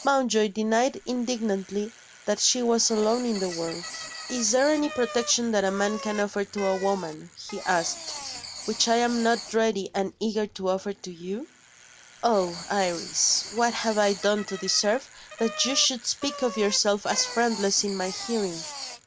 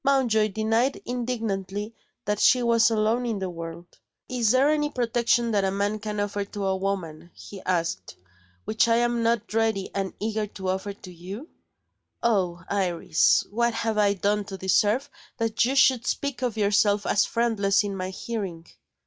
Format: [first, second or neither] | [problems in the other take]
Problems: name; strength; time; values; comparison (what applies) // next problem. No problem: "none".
second | background sound (Writing + Bicycle); 13 dB below the speech